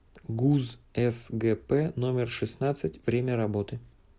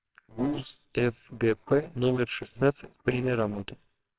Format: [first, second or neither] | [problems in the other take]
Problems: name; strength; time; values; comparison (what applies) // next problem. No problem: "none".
first | noise reduction (neural separator model SepFormer WHAMR!)